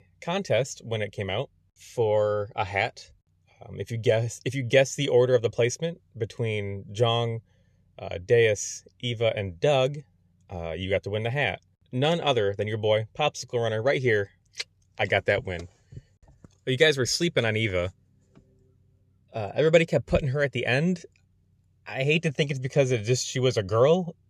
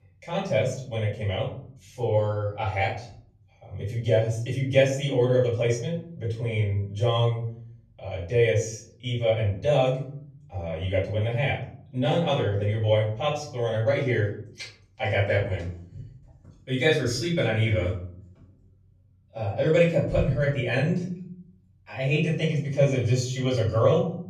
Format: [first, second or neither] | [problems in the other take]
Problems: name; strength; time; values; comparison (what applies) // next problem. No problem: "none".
first | off-mic speech; far // room echo; noticeable; dies away in 0.7 s